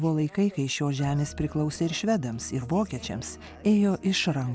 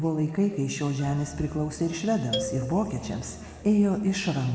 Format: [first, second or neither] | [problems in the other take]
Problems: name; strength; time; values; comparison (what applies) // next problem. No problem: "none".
first | background sound (Marimba, xylophone); 11 dB below the speech // room echo; dies away in 1.6 s